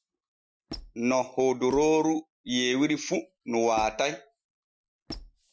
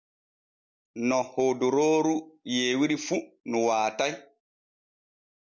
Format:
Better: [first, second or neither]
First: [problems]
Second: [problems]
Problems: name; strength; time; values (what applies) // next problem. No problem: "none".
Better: second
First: noise reduction (classical method Wiener filter)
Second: none